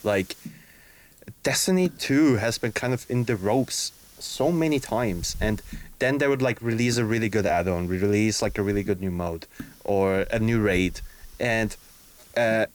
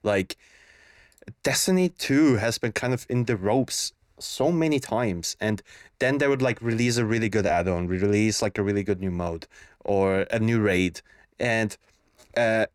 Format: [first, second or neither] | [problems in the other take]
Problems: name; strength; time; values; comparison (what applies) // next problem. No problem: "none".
second | hiss; faint; throughout; 20 dB below the speech